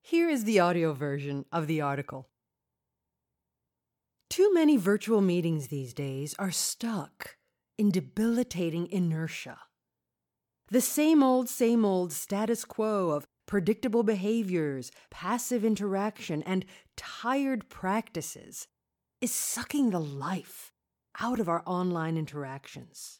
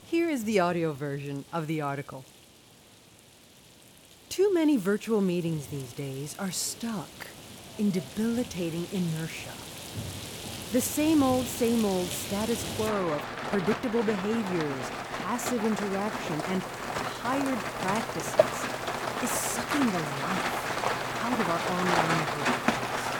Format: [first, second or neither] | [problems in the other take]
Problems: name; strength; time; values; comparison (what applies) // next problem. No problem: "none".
first | rain or running water; loud; throughout; 2 dB below the speech